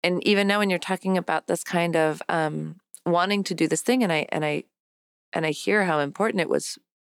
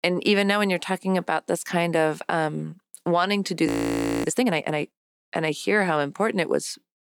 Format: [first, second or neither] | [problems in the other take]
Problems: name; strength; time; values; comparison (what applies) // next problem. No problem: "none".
first | audio freezing; at 3.5 s for 0.5 s